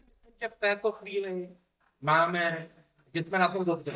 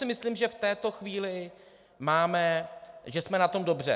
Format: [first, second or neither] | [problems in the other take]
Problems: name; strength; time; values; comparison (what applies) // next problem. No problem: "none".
second | noise reduction (neural mask model DeepFilterNet 3)